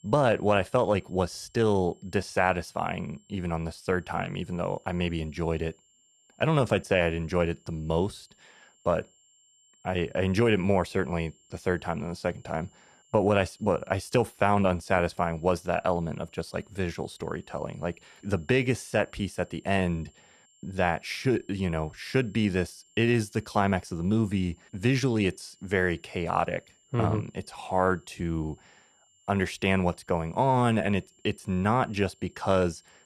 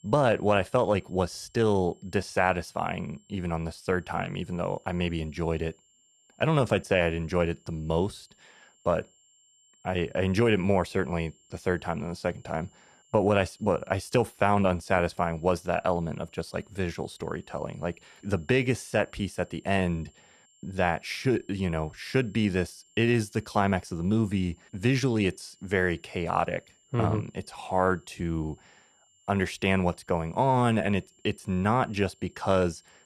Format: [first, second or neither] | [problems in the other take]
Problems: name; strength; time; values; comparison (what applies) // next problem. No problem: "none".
neither | high-pitched whine; faint; throughout; 7.5 kHz, 35 dB below the speech; the same in both